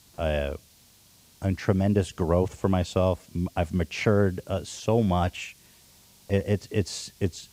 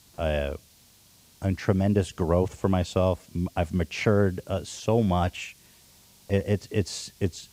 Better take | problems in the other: neither | hiss; faint; throughout; 30 dB below the speech; the same in both

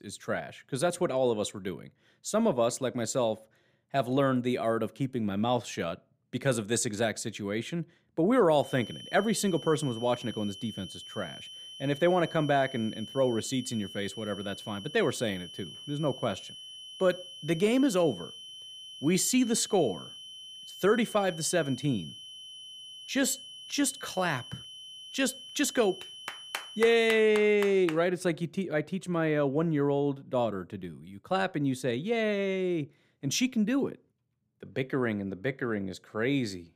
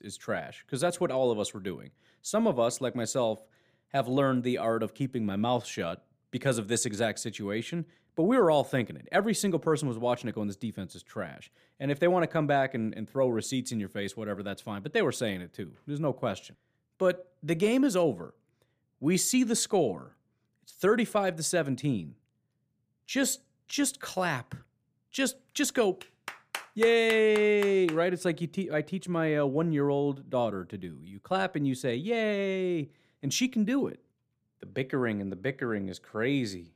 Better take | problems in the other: second | high-pitched whine; noticeable; from 8.5 to 27 s; 3 kHz, 15 dB below the speech

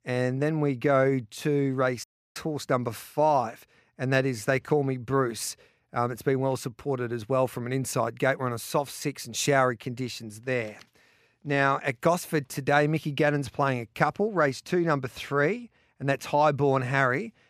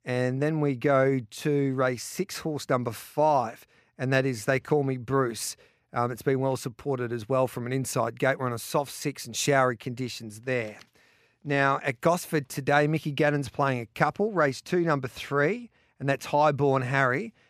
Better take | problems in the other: second | audio cutting out; at 2 s

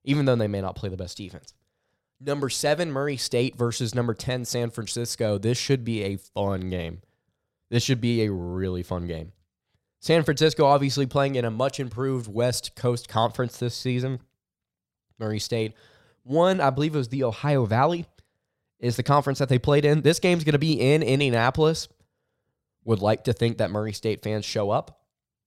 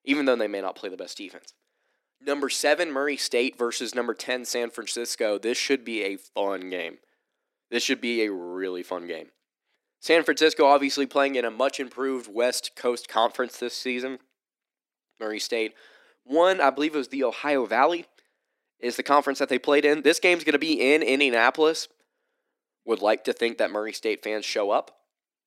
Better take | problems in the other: first | thin; somewhat; fading below 250 Hz

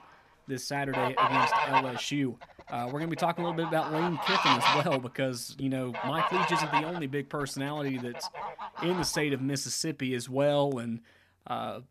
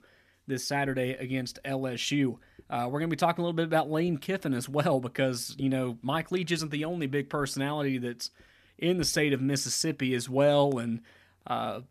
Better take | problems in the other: second | animal sounds; very loud; until 9 s; 3 dB above the speech

